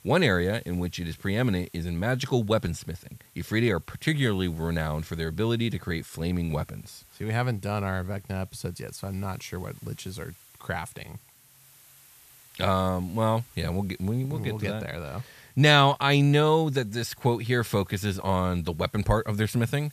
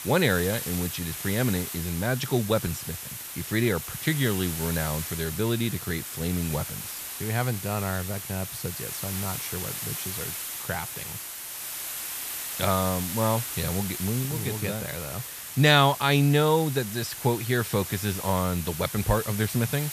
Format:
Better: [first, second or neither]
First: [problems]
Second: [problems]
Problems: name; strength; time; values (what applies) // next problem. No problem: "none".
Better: first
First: hiss; faint; throughout; 25 dB below the speech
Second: hiss; loud; throughout; 6 dB below the speech